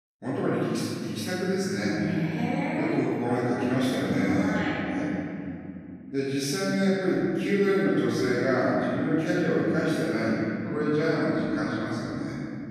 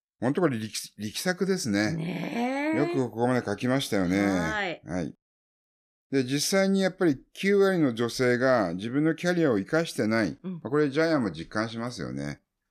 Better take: second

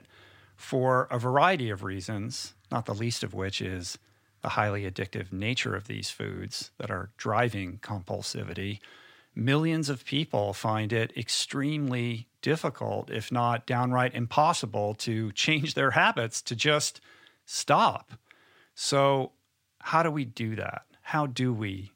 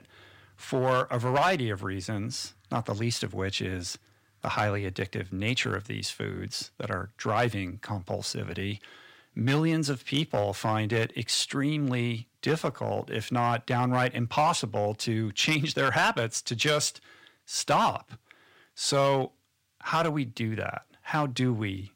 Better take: first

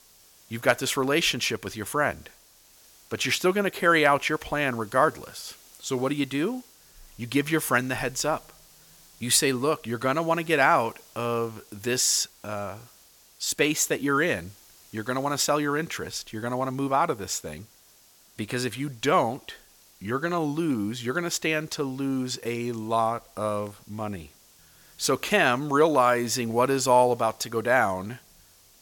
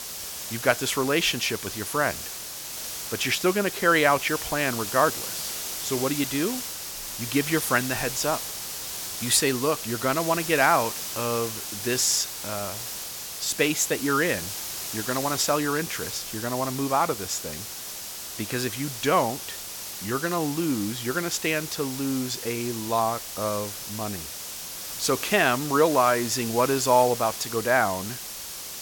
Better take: first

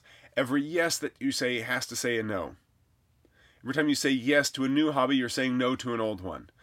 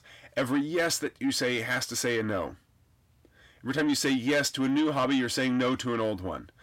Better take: first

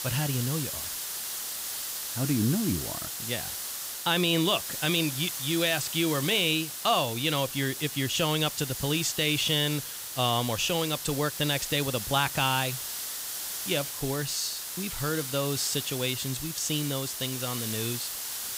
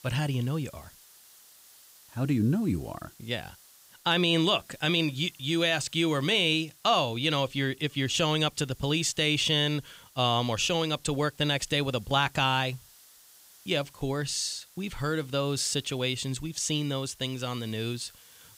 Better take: second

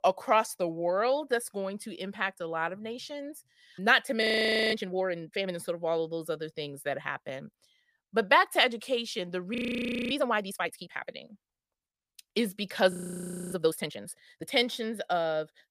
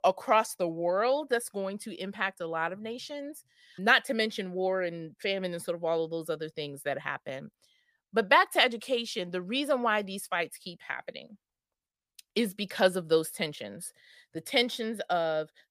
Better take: second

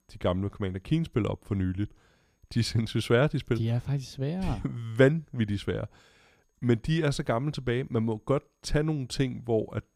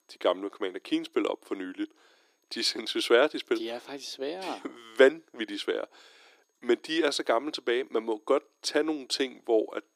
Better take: first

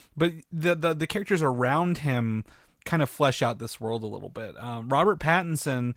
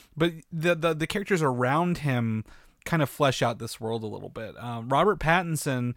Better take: second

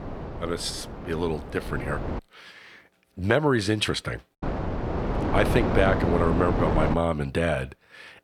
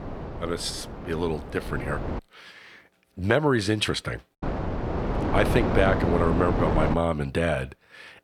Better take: neither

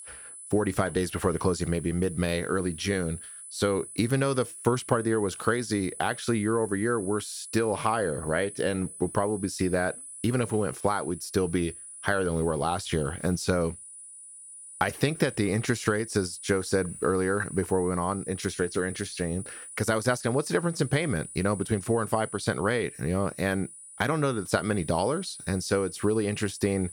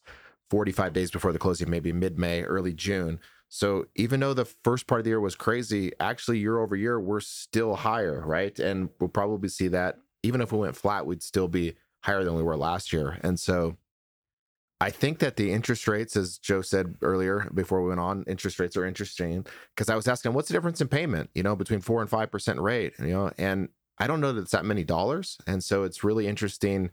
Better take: second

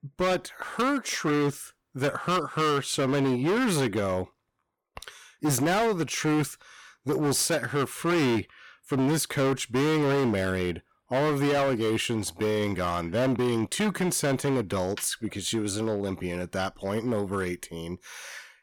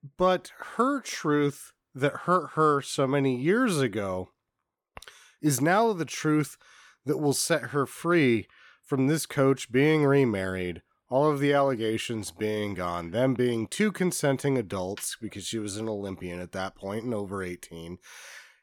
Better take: second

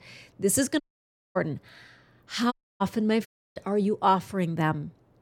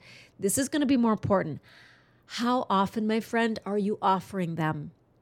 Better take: second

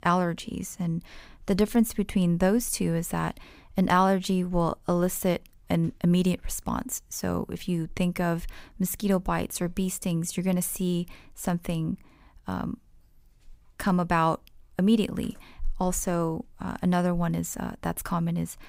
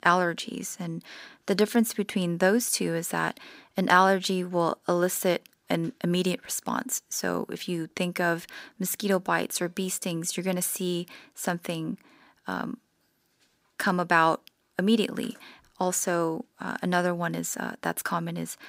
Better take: first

